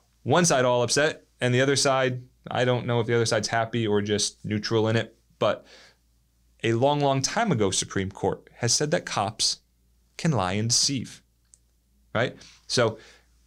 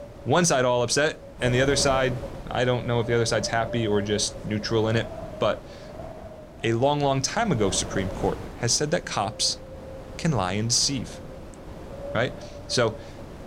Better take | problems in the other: first | wind noise on the microphone; occasional gusts; 15 dB below the speech

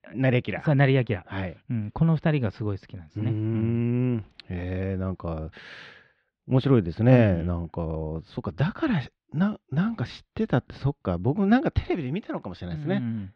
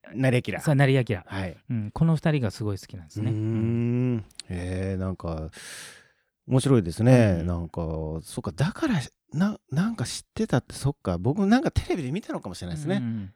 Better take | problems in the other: second | muffled; slightly; fading above 3.5 kHz

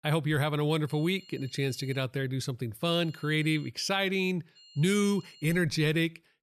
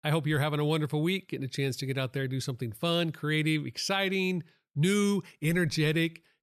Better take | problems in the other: second | high-pitched whine; faint; from 1 to 2 s, at 3 s and from 4.5 to 5.5 s; 4 kHz, 25 dB below the speech

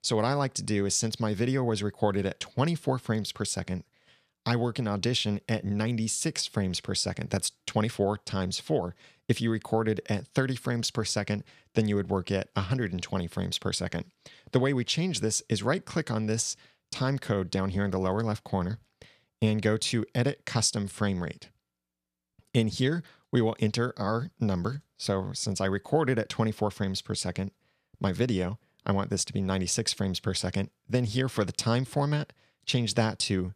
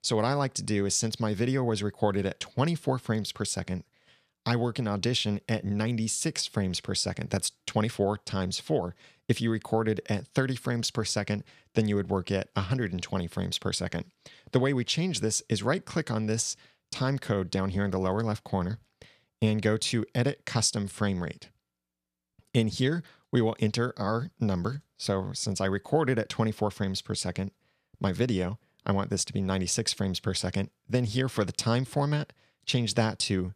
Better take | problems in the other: neither | none

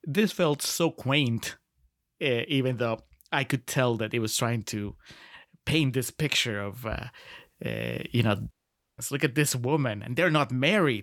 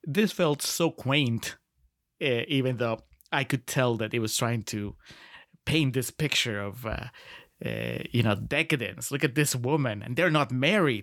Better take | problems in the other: second | audio cutting out; at 8.5 s

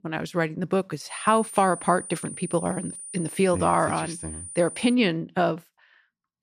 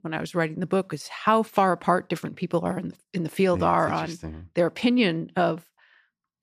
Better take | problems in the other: second | high-pitched whine; noticeable; from 1 to 5 s; 9.5 kHz, 10 dB below the speech

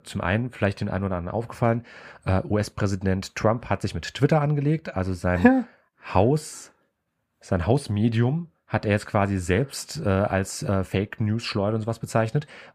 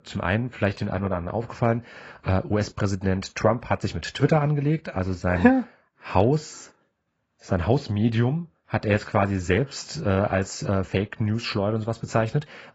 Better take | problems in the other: first | garbled, watery; badly; nothing above 7.5 kHz

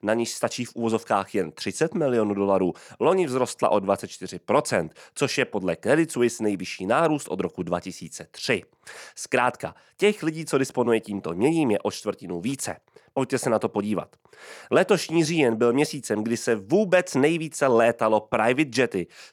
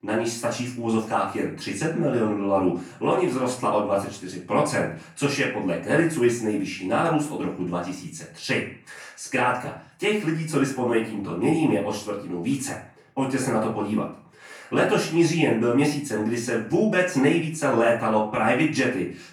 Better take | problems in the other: first | room echo; slight; dies away in 0.4 s // off-mic speech; far

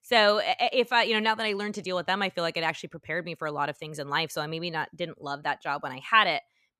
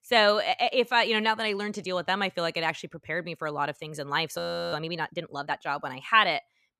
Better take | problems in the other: first | audio freezing; at 4.5 s

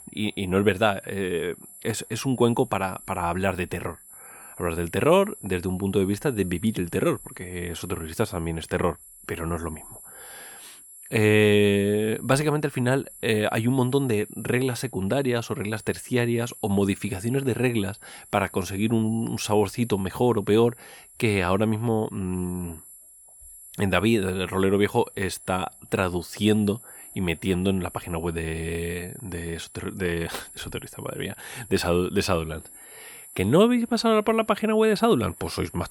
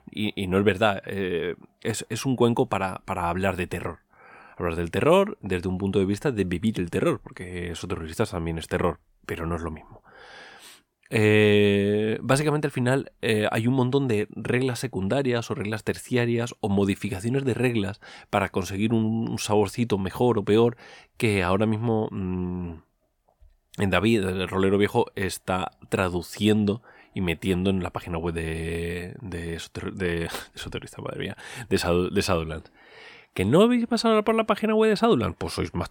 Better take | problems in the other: second | high-pitched whine; noticeable; throughout; 10 kHz, 20 dB below the speech

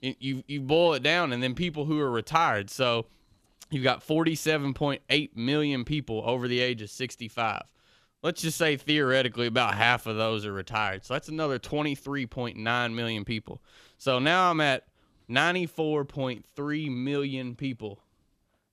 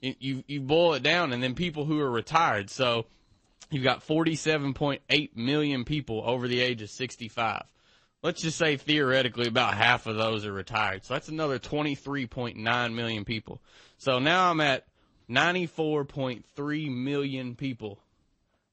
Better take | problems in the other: first | garbled, watery; slightly

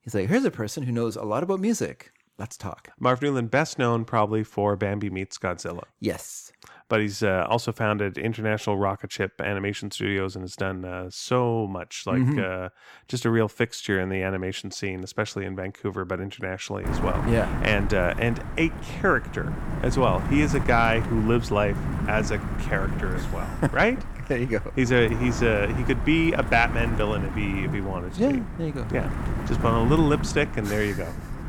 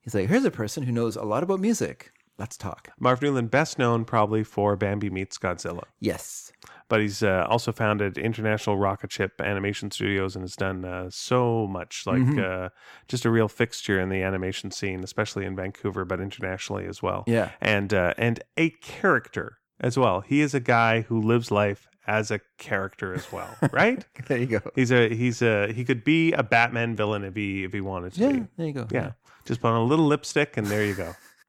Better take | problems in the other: second | wind noise on the microphone; heavy; from 17 s on; 10 dB below the speech

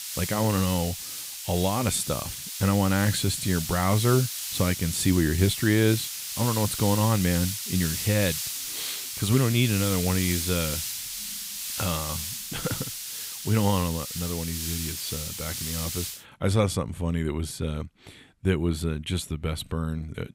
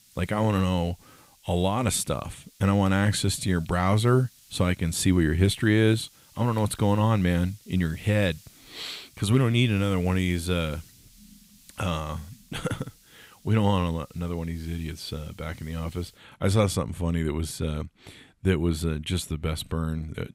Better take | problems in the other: second | hiss; loud; until 16 s; 4 dB below the speech; faint in the second

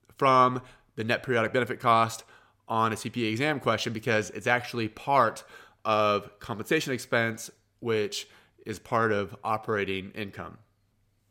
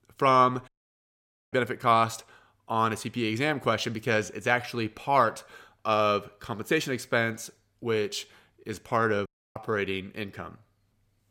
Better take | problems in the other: first | audio cutting out; at 0.5 s for 1 s and at 9.5 s

